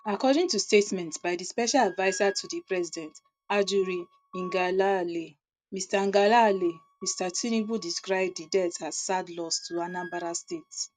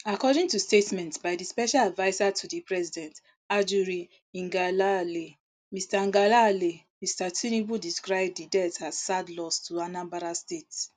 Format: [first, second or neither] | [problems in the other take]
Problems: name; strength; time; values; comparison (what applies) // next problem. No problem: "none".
second | noise reduction (neural mask model RNNoise)